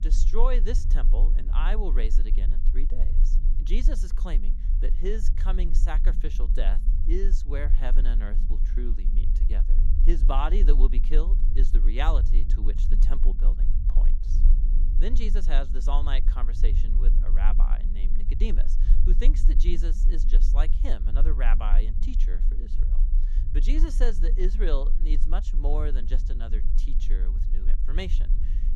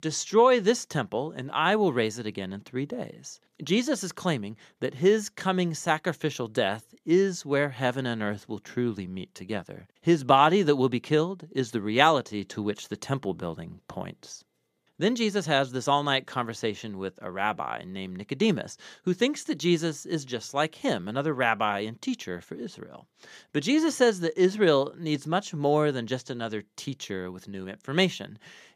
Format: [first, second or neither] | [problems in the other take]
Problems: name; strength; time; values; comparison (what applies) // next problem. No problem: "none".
second | low rumble; noticeable; throughout; 10 dB below the speech